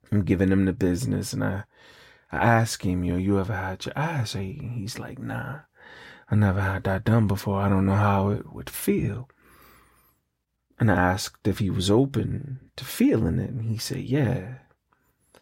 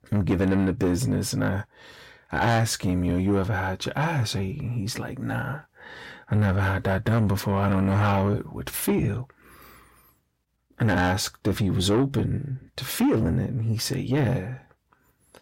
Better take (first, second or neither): first